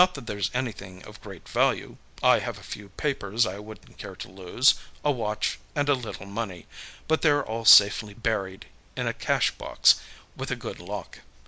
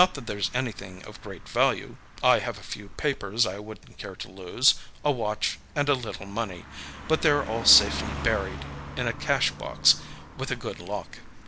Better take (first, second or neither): first